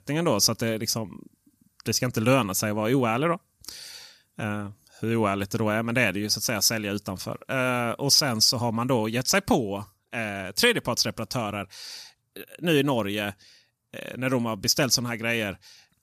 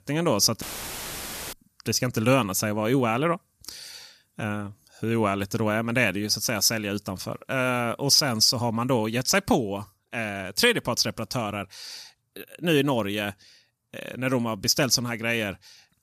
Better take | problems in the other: first | audio cutting out; filled with static; at 0.5 s for 1 s

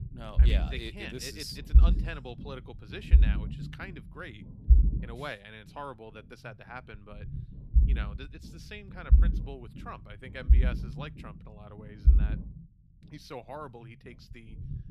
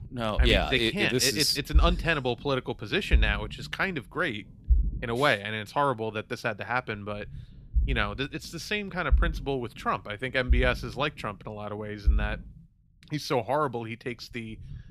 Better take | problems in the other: second | low rumble; loud; throughout; 6 dB below the speech; faint in the second

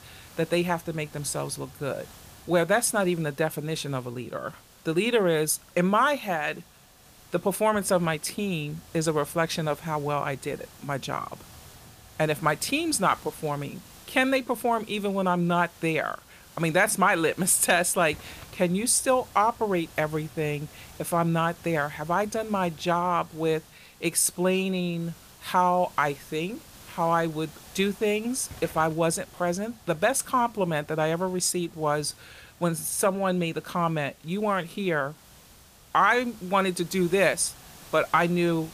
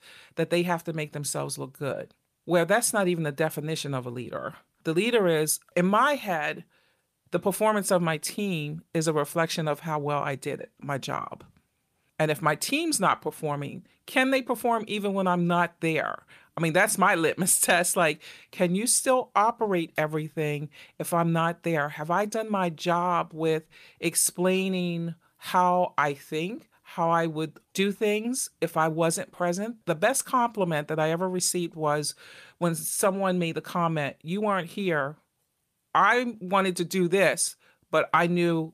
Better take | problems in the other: second | hiss; faint; throughout; 25 dB below the speech

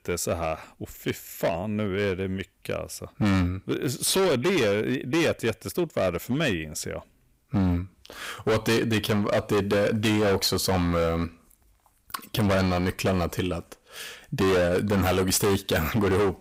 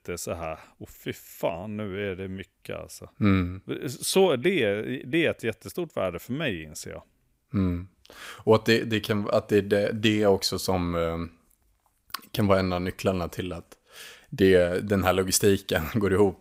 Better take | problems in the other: second | distortion; heavy; 16% of the sound clipped

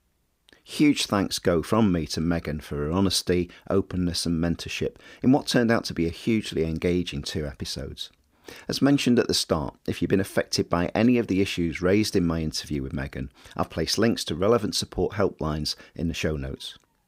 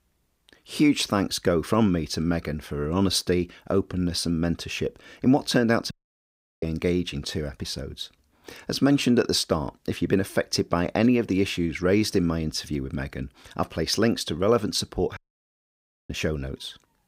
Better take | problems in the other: first | audio cutting out; at 6 s for 0.5 s and at 15 s for 1 s

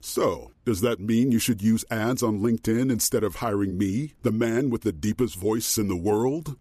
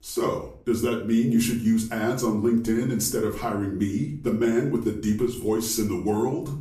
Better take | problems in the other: first | room echo; slight; dies away in 0.4 s // off-mic speech; far

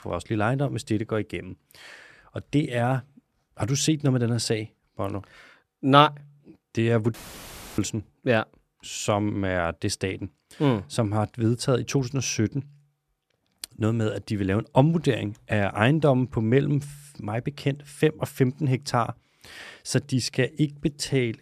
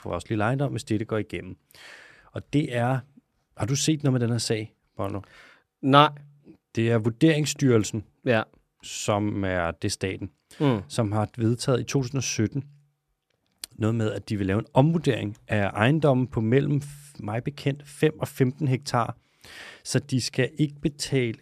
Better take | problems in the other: second | audio cutting out; filled with static; at 7 s for 0.5 s

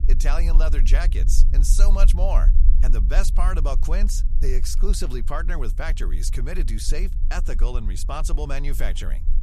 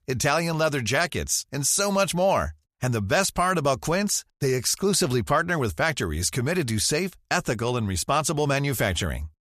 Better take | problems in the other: second | low rumble; noticeable; throughout; 15 dB below the speech

